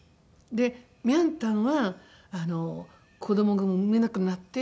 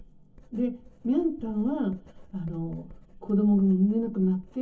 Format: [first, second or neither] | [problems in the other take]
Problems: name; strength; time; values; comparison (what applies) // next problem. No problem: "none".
first | background sound (Writing); 20 dB below the speech // room echo; dies away in 0.3 s